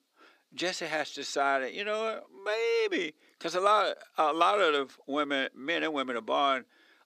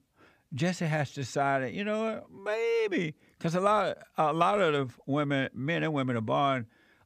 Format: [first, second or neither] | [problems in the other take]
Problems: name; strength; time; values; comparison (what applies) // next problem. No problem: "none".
second | thin; somewhat; fading below 300 Hz